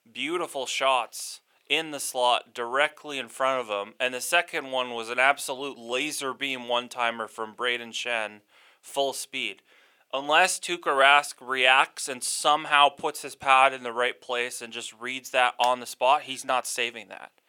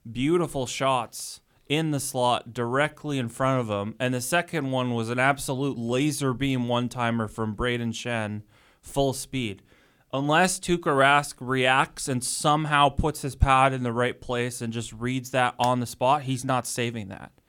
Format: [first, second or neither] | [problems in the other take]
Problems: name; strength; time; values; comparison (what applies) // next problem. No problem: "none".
second | thin; very; fading below 600 Hz